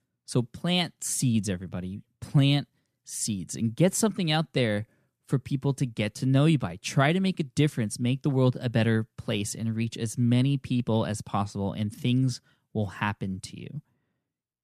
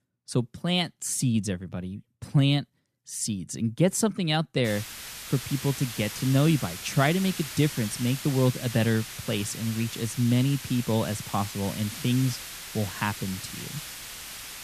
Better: first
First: none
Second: hiss; loud; from 4.5 s on; 9 dB below the speech

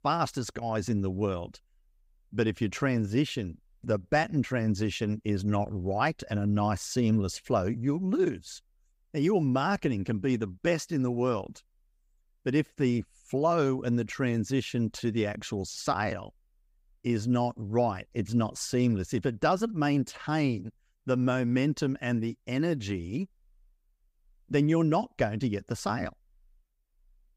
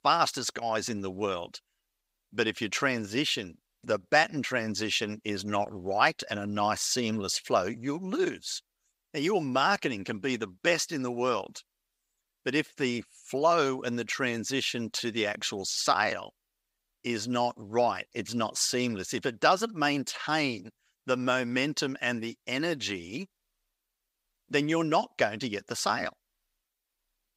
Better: first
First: none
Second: thin; somewhat; fading below 900 Hz

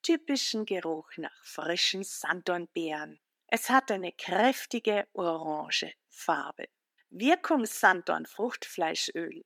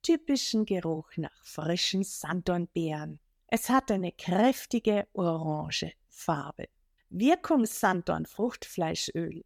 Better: second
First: thin; somewhat; fading below 250 Hz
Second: none

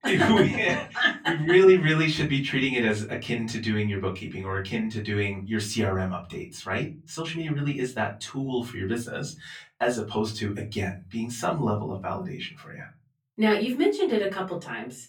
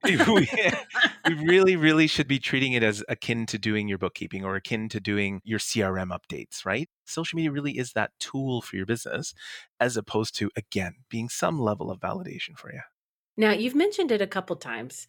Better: second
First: off-mic speech; far // room echo; very slight; dies away in 0.3 s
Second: none

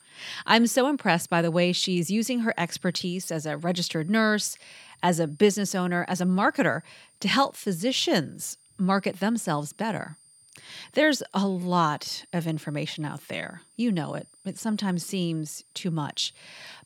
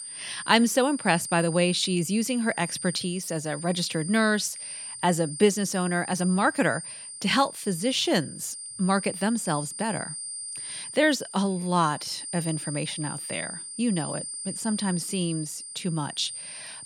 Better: first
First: high-pitched whine; faint; throughout; 9 kHz, 30 dB below the speech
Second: high-pitched whine; loud; throughout; 9 kHz, 9 dB below the speech

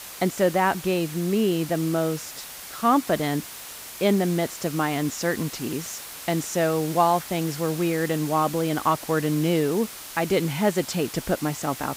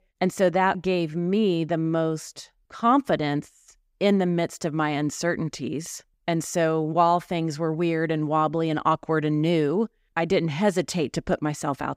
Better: second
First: hiss; noticeable; throughout; 10 dB below the speech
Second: none

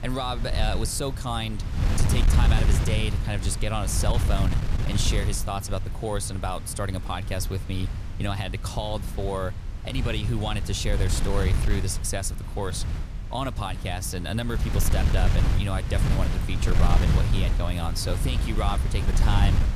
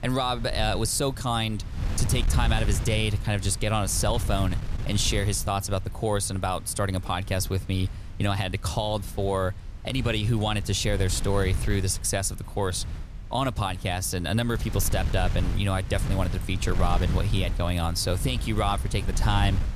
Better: second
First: wind noise on the microphone; heavy; 6 dB below the speech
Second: wind noise on the microphone; occasional gusts; 15 dB below the speech

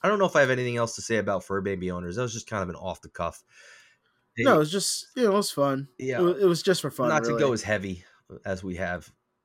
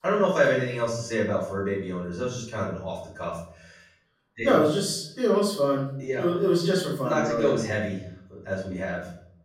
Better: first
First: none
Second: off-mic speech; far // room echo; noticeable; dies away in 0.5 s

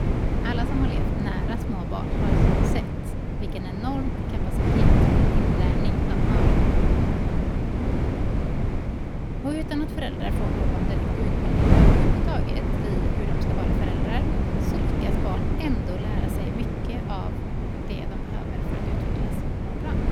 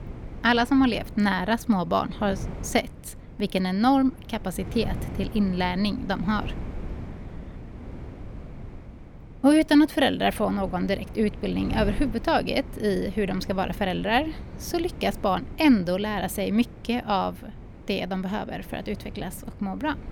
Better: second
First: wind noise on the microphone; heavy; 5 dB above the speech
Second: wind noise on the microphone; occasional gusts; 20 dB below the speech

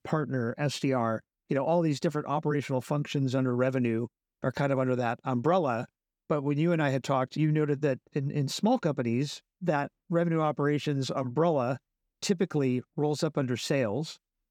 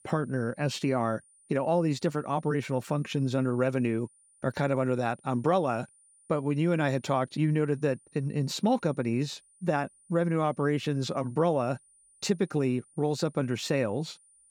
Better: first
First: none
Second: high-pitched whine; faint; throughout; 9.5 kHz, 30 dB below the speech

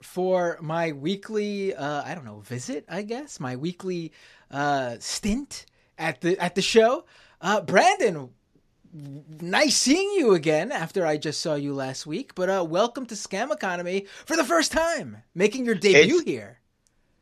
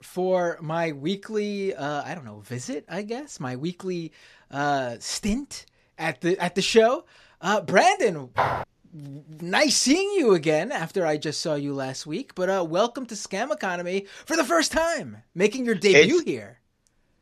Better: first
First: none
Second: footsteps; noticeable; at 8.5 s; peak 1 dB below the speech

